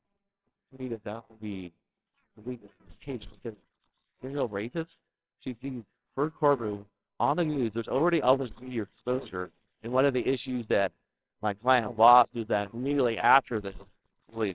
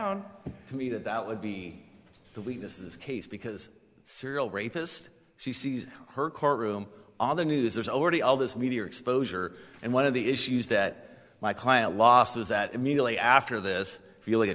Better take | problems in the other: second | noise reduction (neural separator model SepFormer WHAMR!)

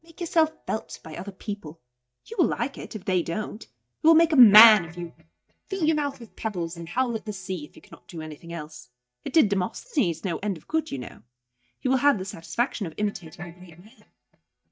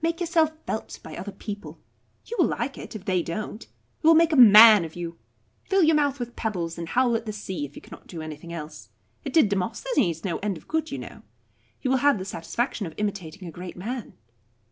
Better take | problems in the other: second | noise reduction (neural mask model DeepFilterNet 3)

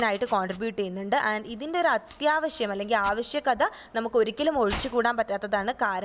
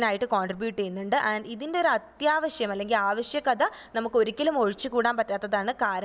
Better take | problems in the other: second | background sound (Domestic sounds, home sounds); 19 dB below the speech

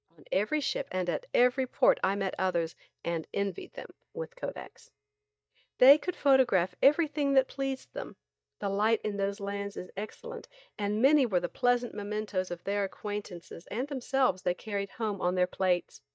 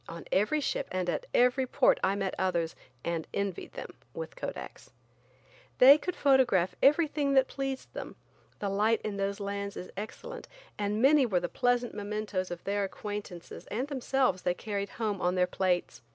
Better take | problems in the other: second | noise reduction (neural mask model DeepFilterNet 3)

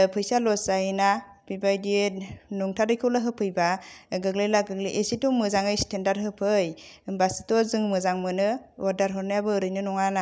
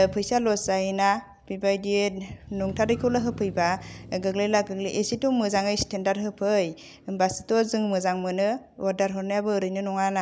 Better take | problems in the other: first | background sound (Motor vehicle (road)); 19 dB below the speech

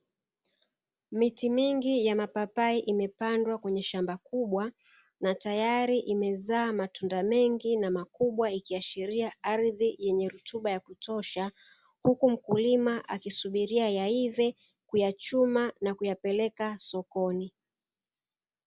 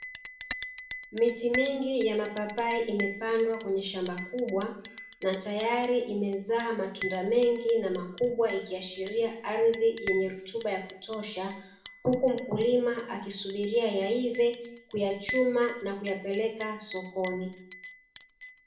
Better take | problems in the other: first | background sound (Chink, clink); 14 dB below the speech // room echo; dies away in 0.6 s

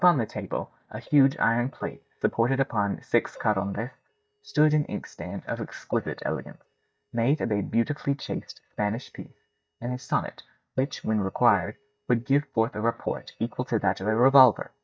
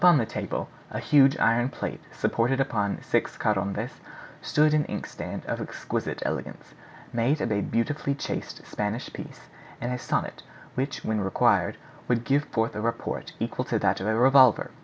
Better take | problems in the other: second | noise reduction (neural mask model DeepFilterNet 3)

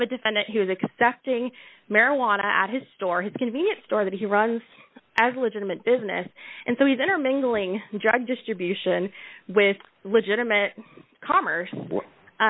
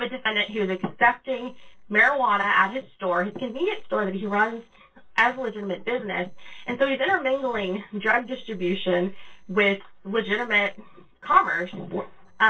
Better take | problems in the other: first | noise reduction (neural separator model SepFormer DNS4)

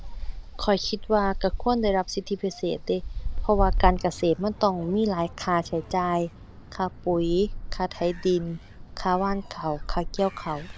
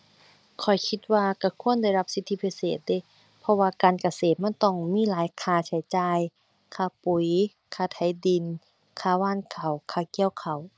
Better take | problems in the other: second | background sound (Gull, seagull); 6 dB below the speech

